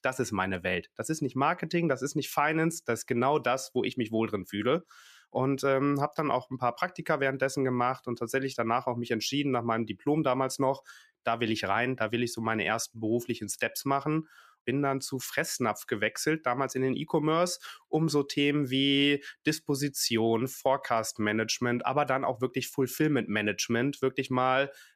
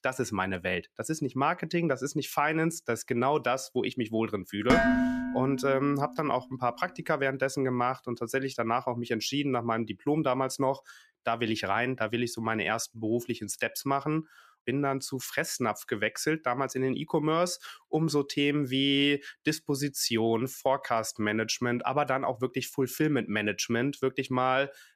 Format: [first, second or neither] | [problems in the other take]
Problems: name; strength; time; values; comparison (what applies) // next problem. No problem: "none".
first | clattering dishes; loud; at 4.5 s; peak 6 dB above the speech